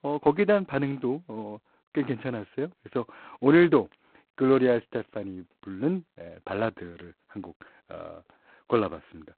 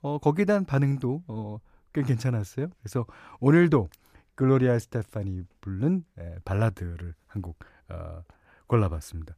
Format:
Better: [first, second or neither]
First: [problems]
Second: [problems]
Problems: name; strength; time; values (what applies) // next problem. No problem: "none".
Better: second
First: phone-call audio; poor line; nothing above 4 kHz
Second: none